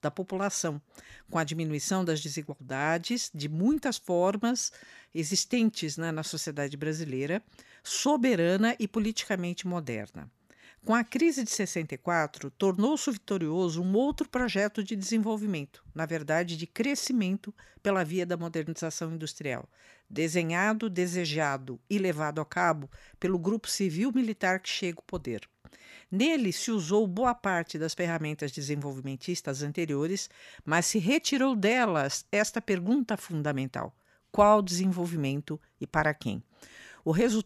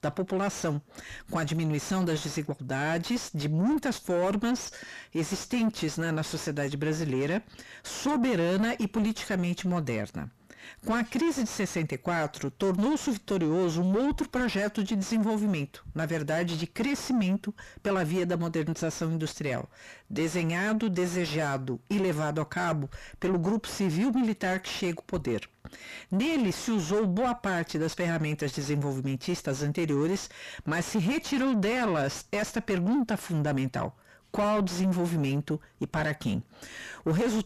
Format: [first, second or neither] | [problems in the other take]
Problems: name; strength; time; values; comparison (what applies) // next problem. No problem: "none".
first | distortion; heavy; 5 dB below the speech